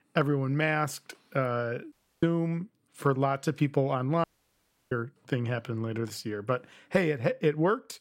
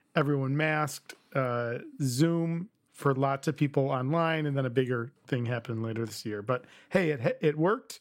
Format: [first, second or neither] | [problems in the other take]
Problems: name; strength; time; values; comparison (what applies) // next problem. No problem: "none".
second | audio cutting out; at 2 s and at 4 s for 0.5 s